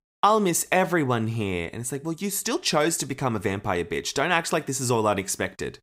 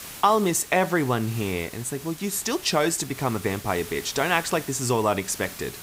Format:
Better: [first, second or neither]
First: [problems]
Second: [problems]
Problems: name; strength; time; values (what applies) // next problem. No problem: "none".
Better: first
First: none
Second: hiss; noticeable; throughout; 15 dB below the speech